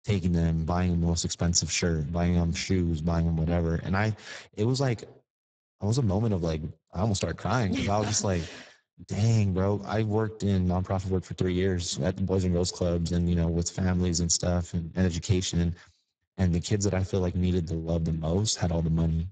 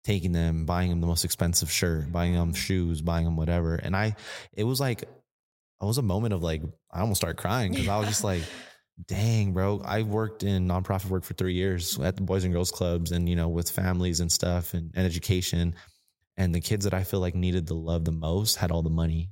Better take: second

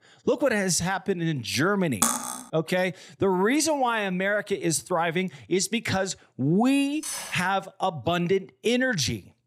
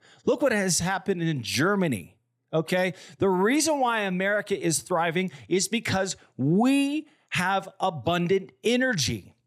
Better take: second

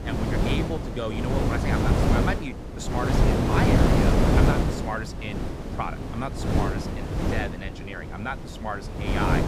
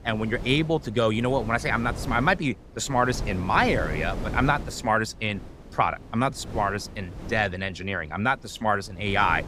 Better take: second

